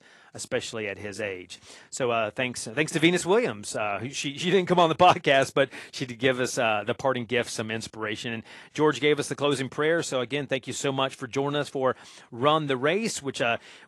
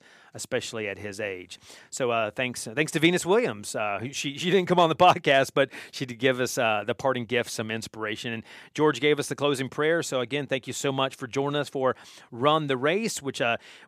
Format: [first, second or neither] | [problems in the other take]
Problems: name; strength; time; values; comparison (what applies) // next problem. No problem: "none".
second | garbled, watery; slightly; nothing above 11.5 kHz